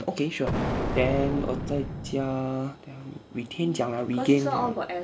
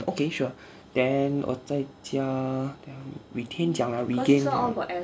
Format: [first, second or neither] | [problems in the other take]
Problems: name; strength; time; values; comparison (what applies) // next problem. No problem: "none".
second | background sound (Explosion); 2 dB below the speech